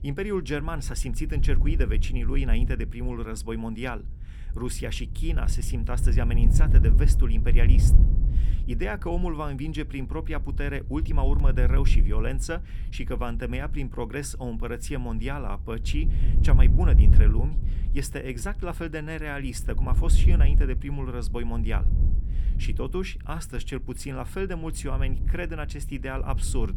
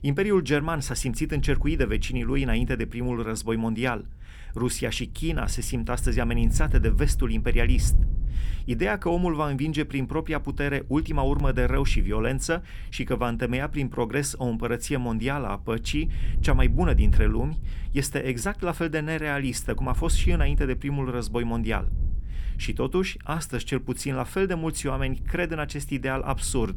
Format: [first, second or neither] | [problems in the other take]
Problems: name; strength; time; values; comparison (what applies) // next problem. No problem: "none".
second | wind noise on the microphone; heavy; 9 dB below the speech; occasional gusts in the second